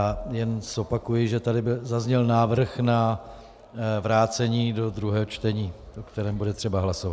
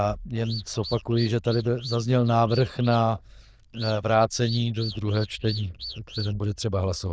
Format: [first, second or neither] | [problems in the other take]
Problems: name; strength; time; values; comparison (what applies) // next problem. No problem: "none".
first | noise reduction (neural diffusion model UNIVERSE++)